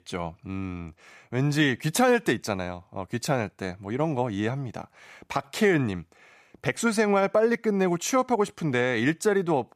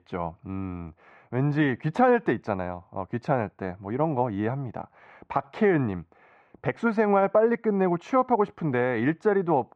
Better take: first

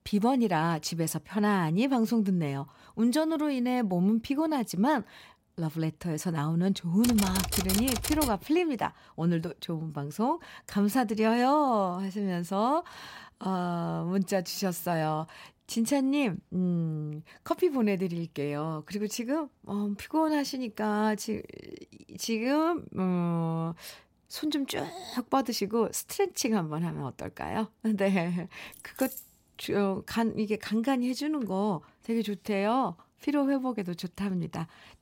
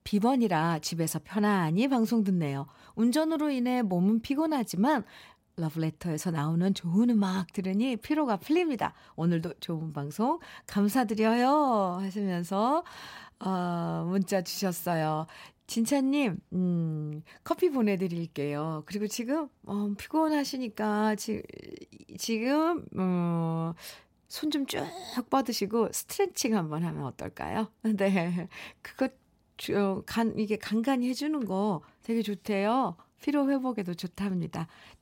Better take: second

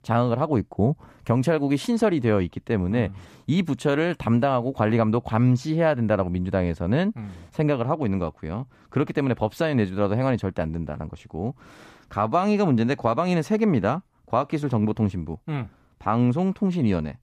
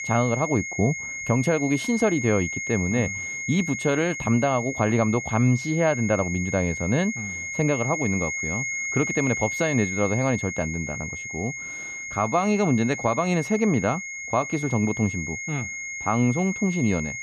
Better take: first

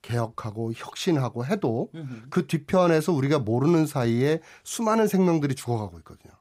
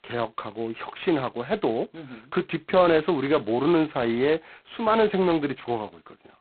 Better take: first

